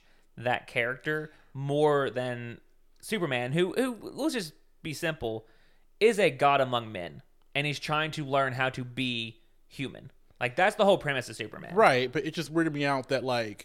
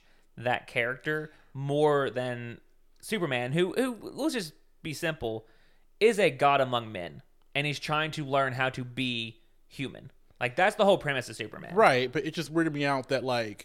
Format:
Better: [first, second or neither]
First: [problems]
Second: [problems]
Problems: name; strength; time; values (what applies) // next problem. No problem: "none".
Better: neither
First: none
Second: none